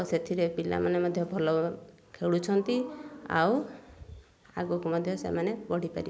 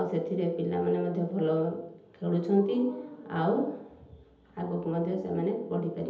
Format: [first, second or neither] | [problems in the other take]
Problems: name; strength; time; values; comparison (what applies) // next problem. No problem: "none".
first | room echo; dies away in 0.8 s